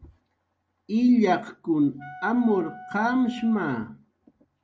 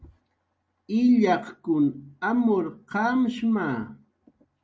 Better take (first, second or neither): second